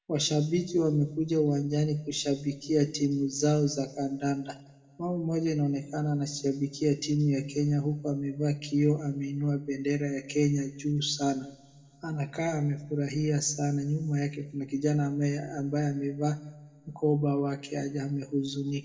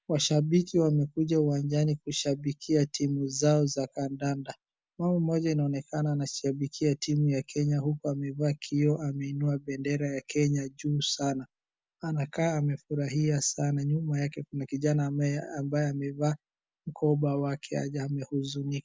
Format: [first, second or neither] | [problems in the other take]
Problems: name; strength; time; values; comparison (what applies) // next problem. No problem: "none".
second | room echo; dies away in 1.4 s